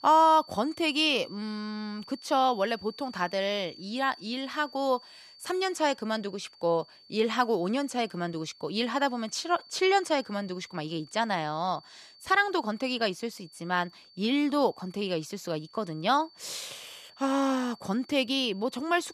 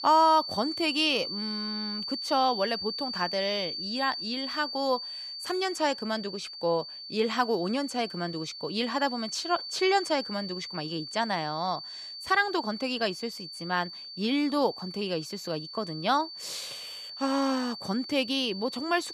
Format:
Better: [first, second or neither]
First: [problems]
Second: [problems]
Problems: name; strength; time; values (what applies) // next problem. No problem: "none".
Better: first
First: high-pitched whine; faint; throughout; 4.5 kHz, 20 dB below the speech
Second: high-pitched whine; loud; throughout; 4.5 kHz, 7 dB below the speech